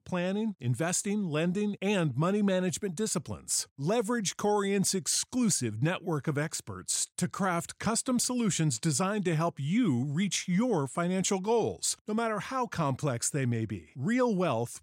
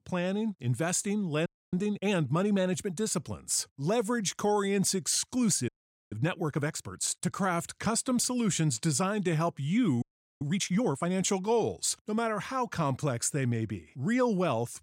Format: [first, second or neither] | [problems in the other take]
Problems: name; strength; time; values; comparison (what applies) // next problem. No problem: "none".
first | audio freezing; at 1.5 s, at 5.5 s and at 10 s